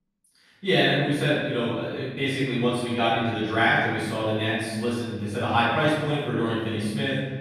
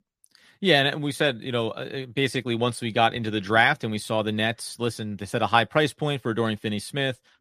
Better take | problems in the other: second | off-mic speech; far // room echo; strong; dies away in 1.5 s

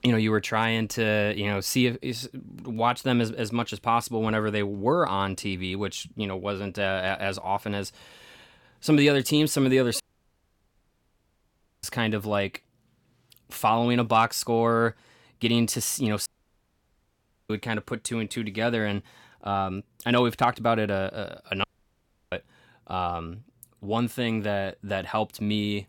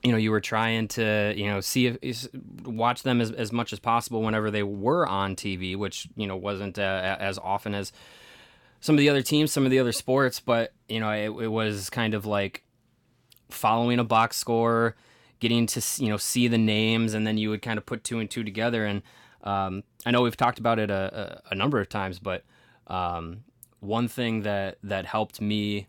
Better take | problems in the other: second | audio cutting out; at 10 s for 2 s, at 16 s for 1 s and at 22 s for 0.5 s

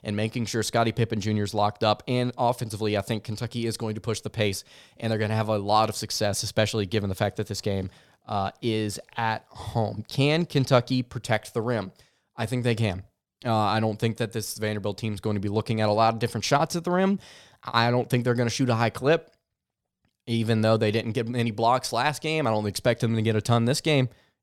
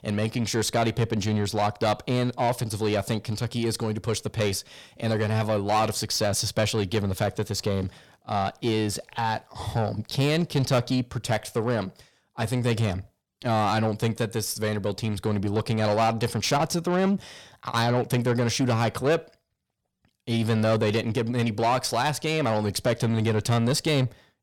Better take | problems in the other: first | distortion; slight; 10 dB below the speech

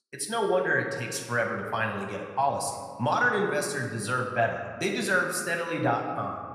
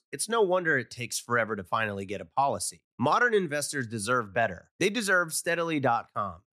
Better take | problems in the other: second | room echo; slight; dies away in 1.5 s // off-mic speech; somewhat distant

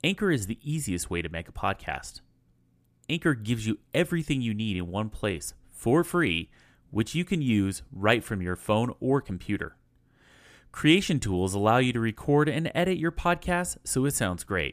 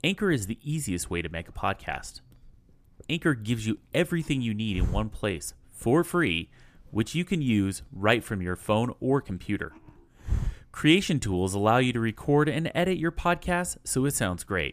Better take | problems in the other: first | hiss; loud; throughout; 9 dB below the speech

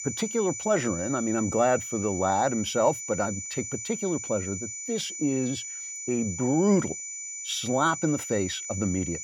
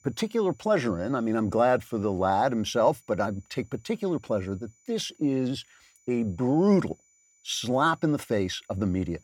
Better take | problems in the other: second | high-pitched whine; loud; throughout; 7 kHz, 6 dB below the speech; faint in the second

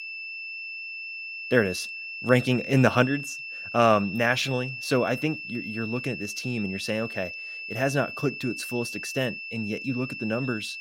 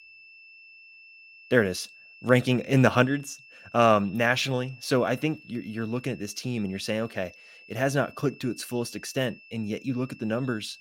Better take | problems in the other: second | high-pitched whine; loud; throughout; 2.5 kHz, 8 dB below the speech; faint in the second

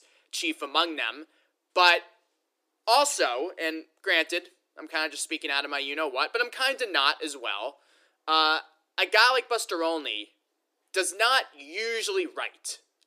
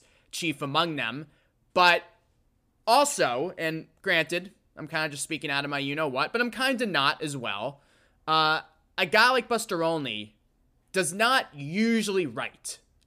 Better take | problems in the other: second | thin; very; fading below 300 Hz

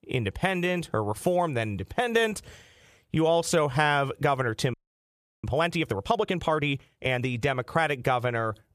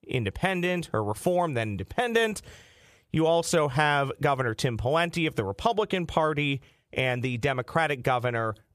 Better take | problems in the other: second | audio freezing; at 4.5 s for 0.5 s

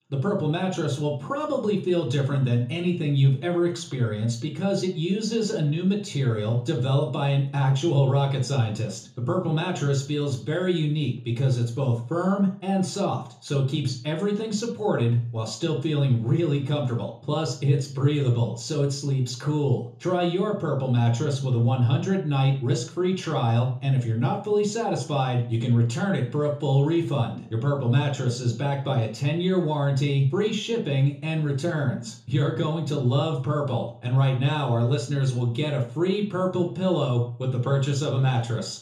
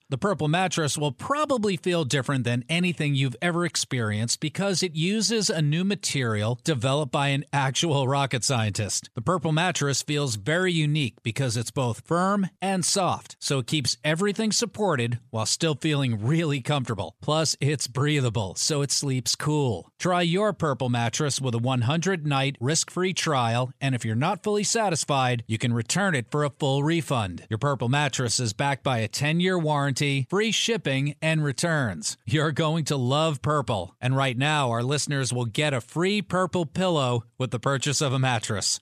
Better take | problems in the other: second | room echo; noticeable; dies away in 0.6 s // off-mic speech; far

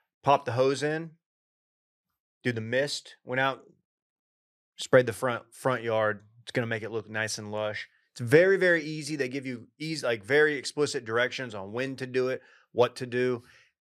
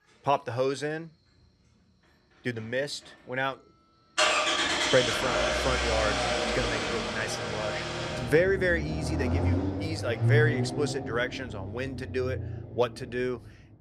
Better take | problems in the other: first | traffic noise; very loud; throughout; 2 dB above the speech

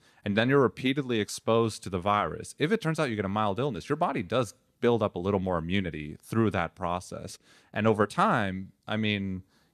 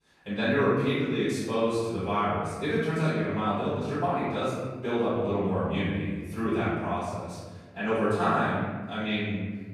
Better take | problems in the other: first | off-mic speech; far // room echo; strong; dies away in 1.5 s

